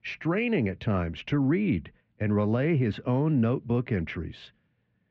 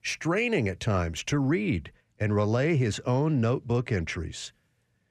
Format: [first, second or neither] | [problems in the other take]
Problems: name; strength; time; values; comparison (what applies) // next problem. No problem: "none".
second | muffled; very; fading above 3.5 kHz